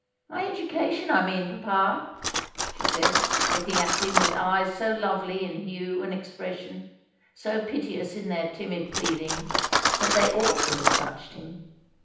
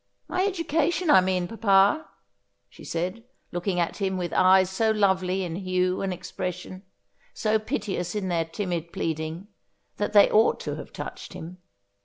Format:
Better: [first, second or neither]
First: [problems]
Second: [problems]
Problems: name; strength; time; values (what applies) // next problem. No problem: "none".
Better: second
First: background sound (Cutlery, silverware); 1 dB below the speech // room echo; dies away in 0.9 s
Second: none